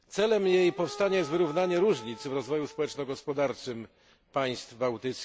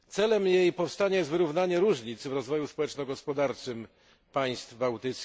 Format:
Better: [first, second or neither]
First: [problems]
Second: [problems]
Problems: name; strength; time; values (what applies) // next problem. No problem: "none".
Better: second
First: background sound (Wind instrument, woodwind instrument); 17 dB below the speech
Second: none